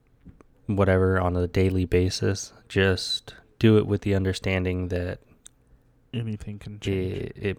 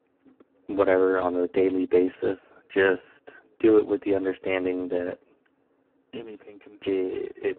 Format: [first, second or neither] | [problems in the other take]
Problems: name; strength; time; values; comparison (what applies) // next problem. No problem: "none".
first | phone-call audio; poor line